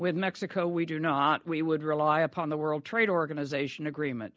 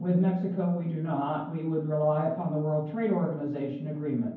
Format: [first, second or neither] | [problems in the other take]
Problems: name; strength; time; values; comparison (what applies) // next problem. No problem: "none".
first | room echo; dies away in 0.9 s